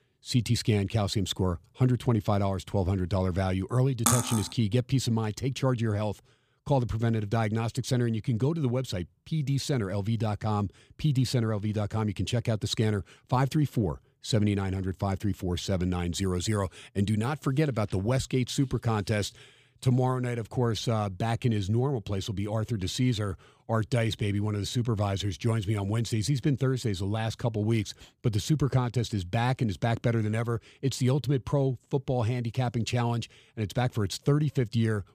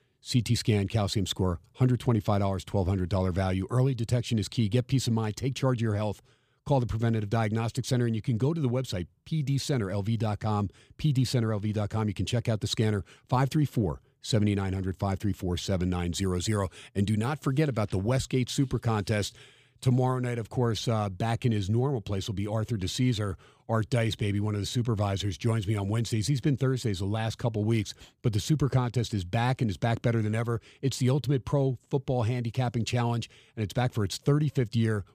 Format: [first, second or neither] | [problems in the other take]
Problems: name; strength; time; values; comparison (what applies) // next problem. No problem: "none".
second | clattering dishes; loud; at 4 s; peak 3 dB above the speech